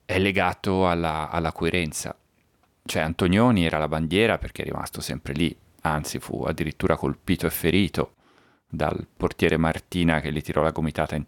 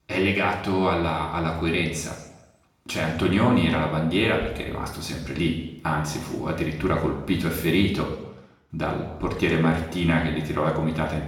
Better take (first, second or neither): first